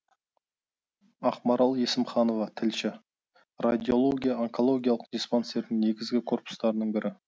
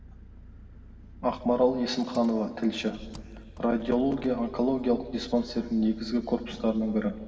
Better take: first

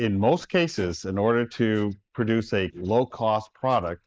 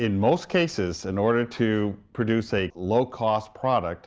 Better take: second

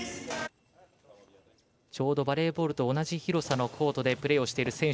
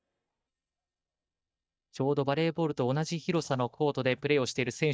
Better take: first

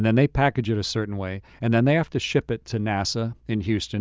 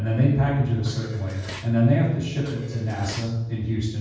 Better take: first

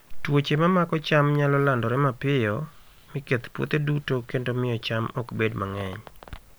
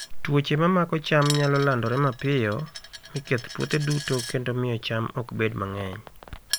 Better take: first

